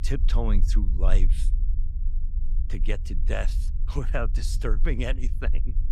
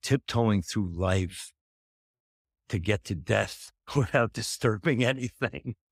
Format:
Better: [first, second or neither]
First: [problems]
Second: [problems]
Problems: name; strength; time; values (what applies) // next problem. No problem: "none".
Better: second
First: low rumble; noticeable; throughout; 15 dB below the speech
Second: none